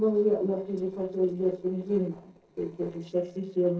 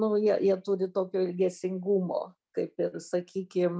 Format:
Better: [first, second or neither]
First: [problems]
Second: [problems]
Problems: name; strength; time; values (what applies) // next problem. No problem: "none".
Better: second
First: noise reduction (neural separator model SepFormer DNS4)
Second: none